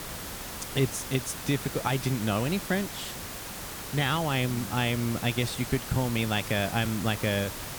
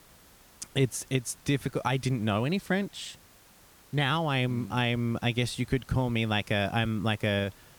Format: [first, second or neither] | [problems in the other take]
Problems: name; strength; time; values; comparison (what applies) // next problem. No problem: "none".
second | hiss; loud; throughout; 7 dB below the speech; faint in the second